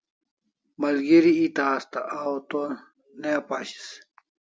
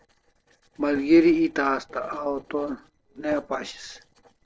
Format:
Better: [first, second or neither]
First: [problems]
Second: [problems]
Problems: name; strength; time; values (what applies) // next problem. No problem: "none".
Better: first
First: none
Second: noise reduction (neural separator model SepFormer DNS4)